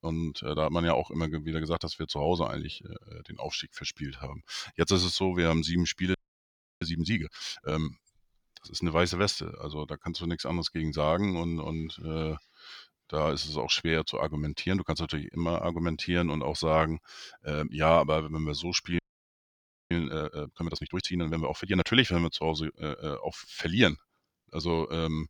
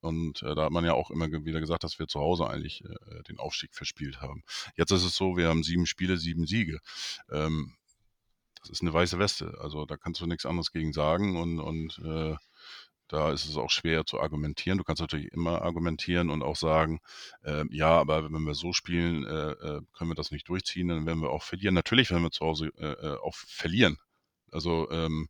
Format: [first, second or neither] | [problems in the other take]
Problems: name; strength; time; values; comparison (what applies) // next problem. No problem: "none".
second | audio freezing; at 6 s for 0.5 s and at 19 s for 1 s